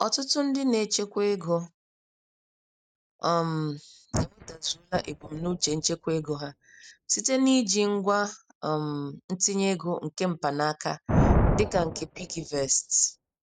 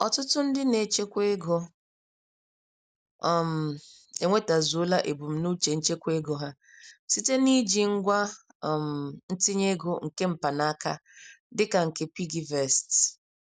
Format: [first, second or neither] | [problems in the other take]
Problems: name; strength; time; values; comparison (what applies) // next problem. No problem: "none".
second | noise reduction (neural mask model RNNoise)